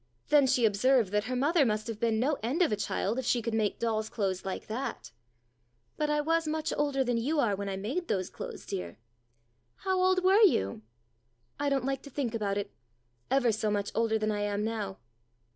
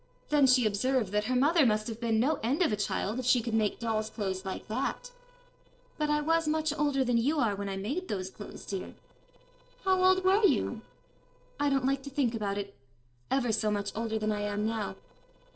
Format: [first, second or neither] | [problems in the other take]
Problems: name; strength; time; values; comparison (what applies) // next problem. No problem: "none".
first | noise reduction (neural separator model SepFormer DNS4)